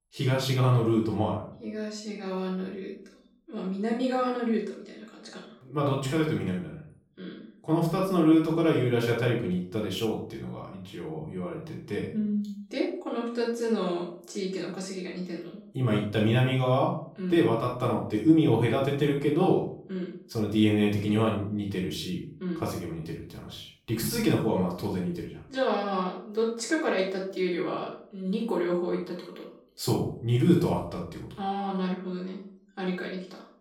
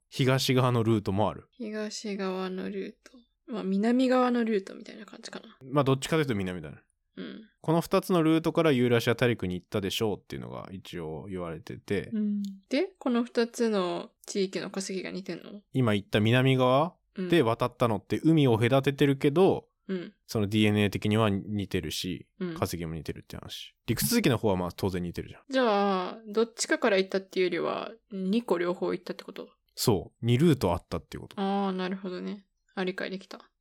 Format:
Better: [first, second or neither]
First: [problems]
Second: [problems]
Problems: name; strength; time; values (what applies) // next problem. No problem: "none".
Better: second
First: off-mic speech; far // room echo; noticeable; dies away in 0.5 s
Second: none